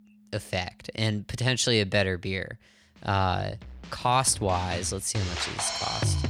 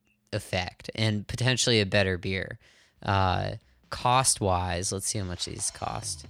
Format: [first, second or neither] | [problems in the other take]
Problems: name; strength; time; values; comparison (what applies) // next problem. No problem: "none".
second | background music; loud; throughout; 6 dB below the speech; faint in the second